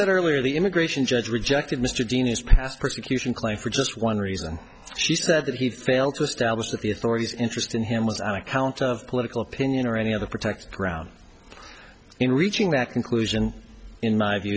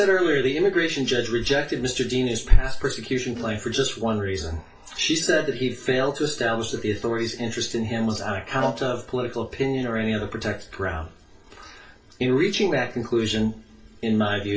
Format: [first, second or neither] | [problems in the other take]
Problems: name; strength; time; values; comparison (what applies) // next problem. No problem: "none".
first | noise reduction (neural separator model SepFormer DNS4)